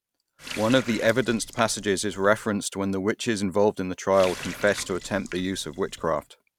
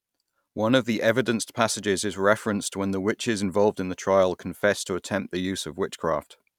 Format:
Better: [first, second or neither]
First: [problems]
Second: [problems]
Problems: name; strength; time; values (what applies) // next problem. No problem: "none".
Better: second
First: background sound (Water tap, faucet); 15 dB below the speech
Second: none